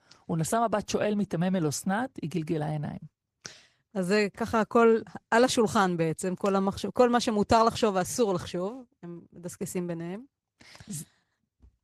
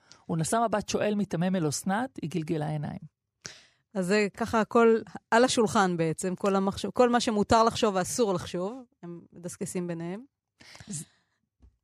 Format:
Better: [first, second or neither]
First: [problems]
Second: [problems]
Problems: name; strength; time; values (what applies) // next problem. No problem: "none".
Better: second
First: garbled, watery; slightly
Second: none